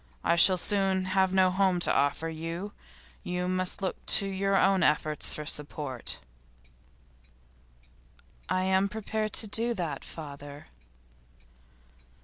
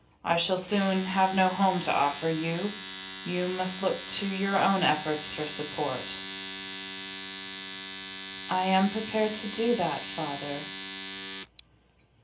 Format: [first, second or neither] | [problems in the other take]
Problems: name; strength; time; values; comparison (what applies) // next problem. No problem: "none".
first | background sound (Domestic sounds, home sounds); 11 dB below the speech // room echo; dies away in 0.3 s